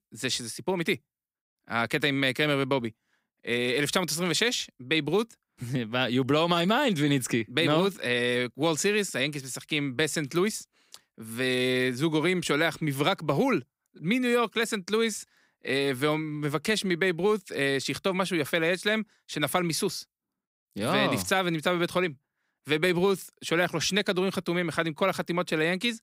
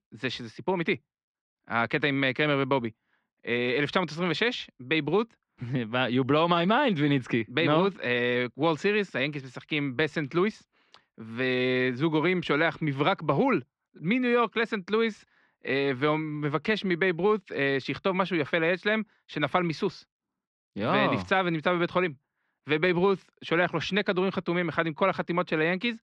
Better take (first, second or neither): first